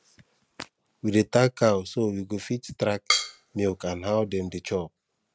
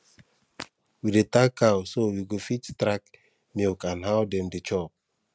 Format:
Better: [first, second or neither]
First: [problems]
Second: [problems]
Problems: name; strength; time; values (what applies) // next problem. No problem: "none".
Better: second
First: background sound (Drum kit); 5 dB below the speech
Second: none